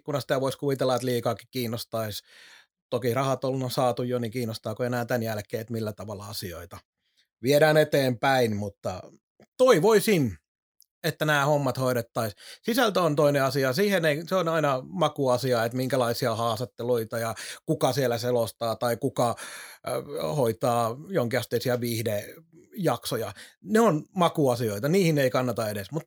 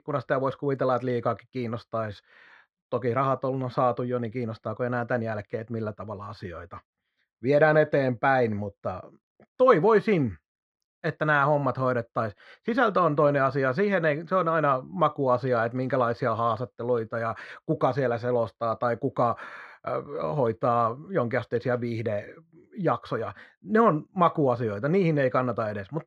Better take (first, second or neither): first